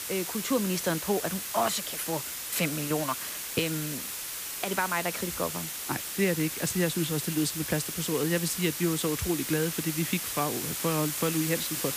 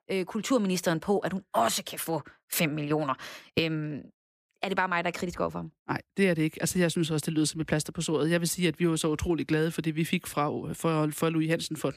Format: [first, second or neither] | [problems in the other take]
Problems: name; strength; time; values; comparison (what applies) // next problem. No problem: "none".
second | hiss; loud; throughout; 3 dB below the speech